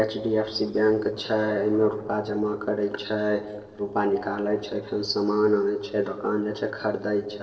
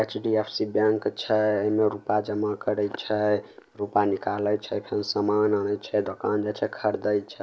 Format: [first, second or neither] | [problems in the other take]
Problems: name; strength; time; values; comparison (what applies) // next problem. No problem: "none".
second | noise reduction (neural separator model SepFormer DNS4)